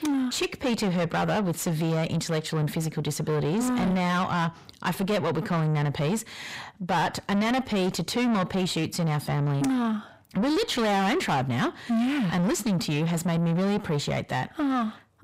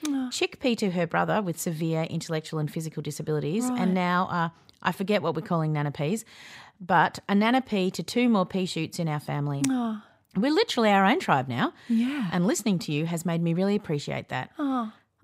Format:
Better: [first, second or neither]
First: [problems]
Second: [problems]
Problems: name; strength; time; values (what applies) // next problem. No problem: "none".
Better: second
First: distortion; heavy; 7 dB below the speech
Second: none